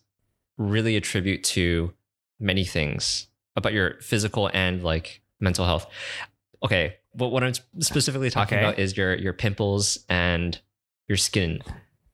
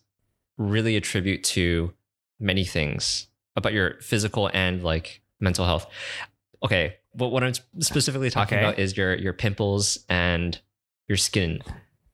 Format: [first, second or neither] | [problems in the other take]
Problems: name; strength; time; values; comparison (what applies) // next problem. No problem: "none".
neither | none